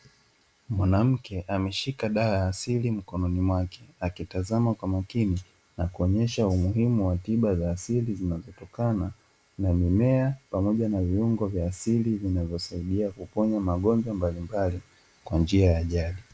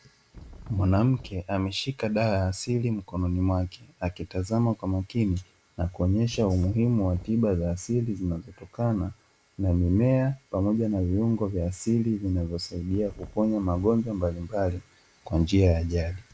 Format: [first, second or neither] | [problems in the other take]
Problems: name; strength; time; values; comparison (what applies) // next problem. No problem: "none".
first | background sound (Wind); 19 dB below the speech